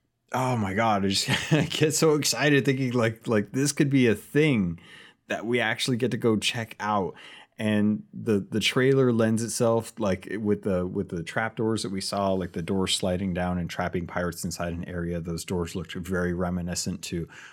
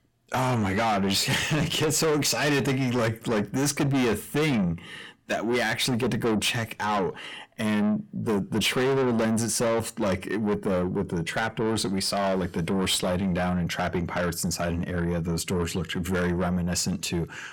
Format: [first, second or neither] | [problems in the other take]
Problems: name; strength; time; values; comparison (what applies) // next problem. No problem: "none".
first | distortion; heavy; 6 dB below the speech